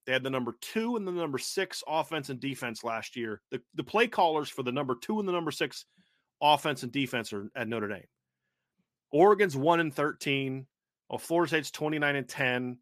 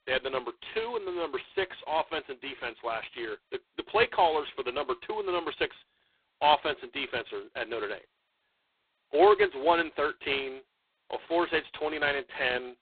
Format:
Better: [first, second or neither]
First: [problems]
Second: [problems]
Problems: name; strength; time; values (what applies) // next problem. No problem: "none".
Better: first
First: none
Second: phone-call audio; poor line